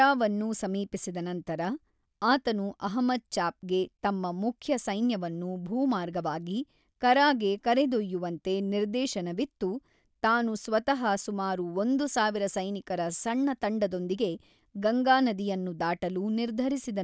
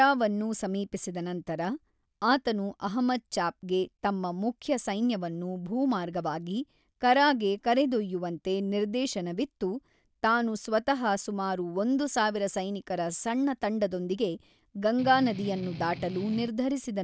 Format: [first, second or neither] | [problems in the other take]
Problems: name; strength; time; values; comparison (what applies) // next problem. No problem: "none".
first | background sound (Strum); 12 dB below the speech